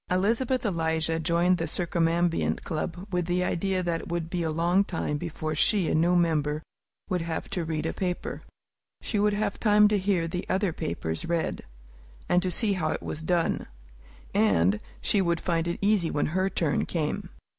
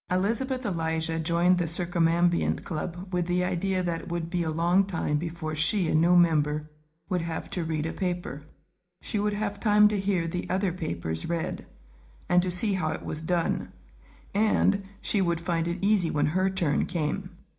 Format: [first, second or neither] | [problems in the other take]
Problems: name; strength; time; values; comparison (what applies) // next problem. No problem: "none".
first | room echo; dies away in 0.4 s